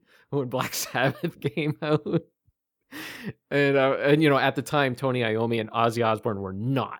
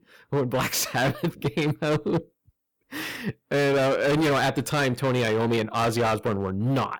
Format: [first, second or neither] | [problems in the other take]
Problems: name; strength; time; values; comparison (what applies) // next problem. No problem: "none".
first | distortion; heavy; 18% of the sound clipped